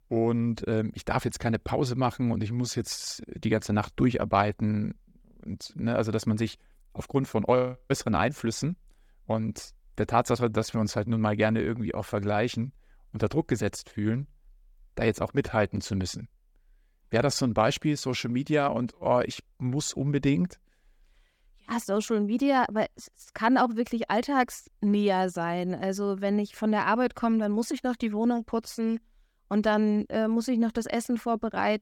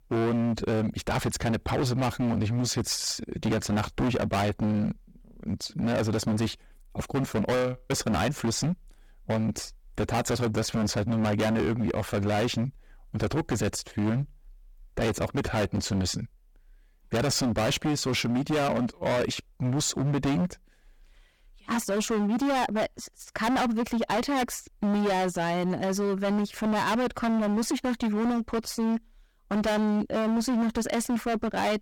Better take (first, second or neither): first